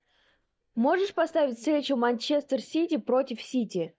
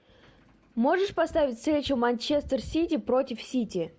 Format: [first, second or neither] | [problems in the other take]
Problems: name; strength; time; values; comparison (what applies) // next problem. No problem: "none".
second | noise reduction (neural mask model DeepFilterNet 3)